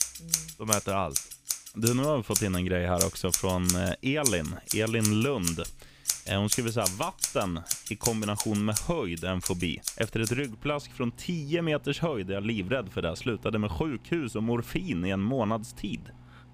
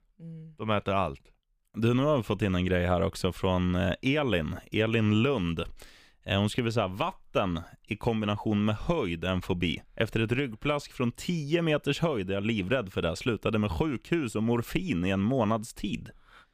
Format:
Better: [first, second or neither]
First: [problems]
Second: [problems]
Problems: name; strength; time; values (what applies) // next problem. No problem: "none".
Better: second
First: household noises; loud; throughout; 2 dB below the speech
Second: none